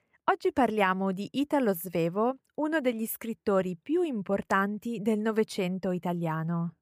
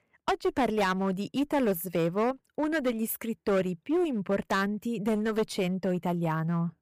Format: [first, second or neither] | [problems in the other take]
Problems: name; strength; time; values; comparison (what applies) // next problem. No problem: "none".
first | distortion; slight; 10% of the sound clipped